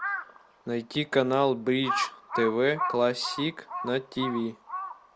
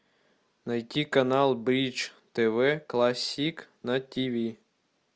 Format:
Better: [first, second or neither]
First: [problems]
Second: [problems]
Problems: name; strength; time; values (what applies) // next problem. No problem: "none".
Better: second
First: background sound (Crow); 7 dB below the speech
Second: none